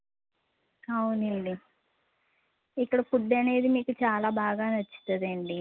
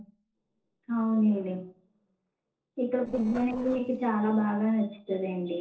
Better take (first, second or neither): first